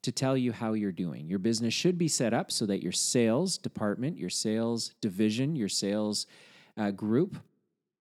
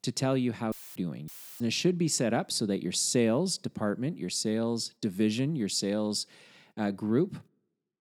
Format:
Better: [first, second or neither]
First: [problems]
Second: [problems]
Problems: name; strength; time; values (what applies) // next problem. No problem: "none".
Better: first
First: none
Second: audio cutting out; filled with static; at 0.5 s and at 1.5 s